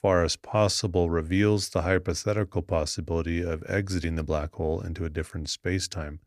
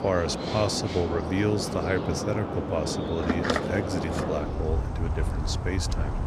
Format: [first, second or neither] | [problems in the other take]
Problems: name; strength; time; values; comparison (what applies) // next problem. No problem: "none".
first | animal sounds; loud; throughout; 1 dB below the speech